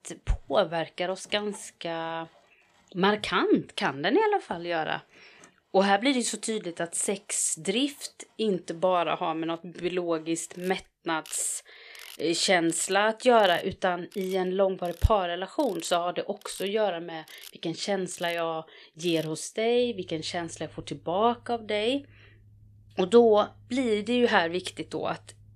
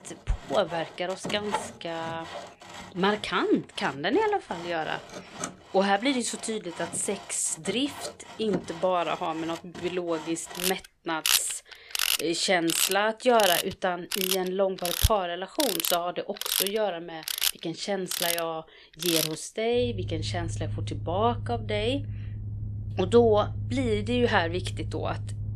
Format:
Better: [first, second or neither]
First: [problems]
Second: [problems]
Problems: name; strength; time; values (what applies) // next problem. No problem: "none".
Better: first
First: machinery noise; faint; throughout; 25 dB below the speech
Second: machinery noise; loud; throughout; 3 dB below the speech